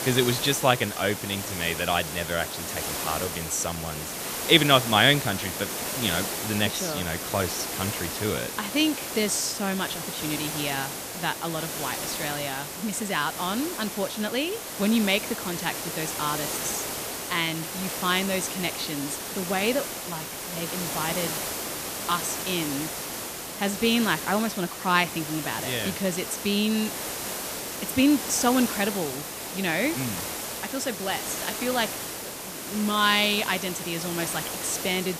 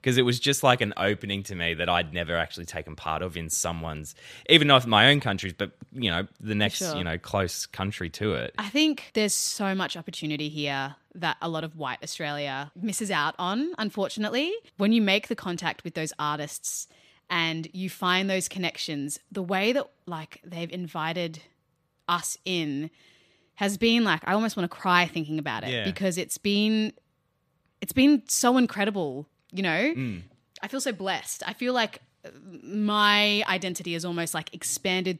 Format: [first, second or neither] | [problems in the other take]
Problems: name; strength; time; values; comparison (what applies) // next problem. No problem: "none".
second | hiss; loud; throughout; 5 dB below the speech